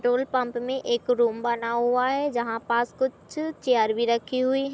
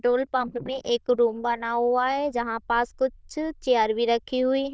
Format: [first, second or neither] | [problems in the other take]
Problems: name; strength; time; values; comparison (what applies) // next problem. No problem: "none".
first | noise reduction (neural diffusion model UNIVERSE++)